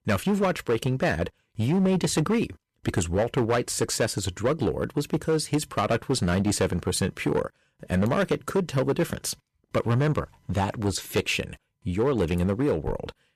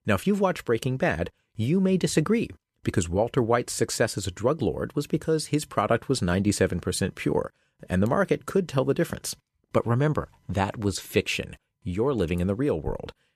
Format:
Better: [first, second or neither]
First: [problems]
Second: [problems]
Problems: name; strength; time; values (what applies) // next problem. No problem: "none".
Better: second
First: distortion; slight; 8% of the sound clipped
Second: none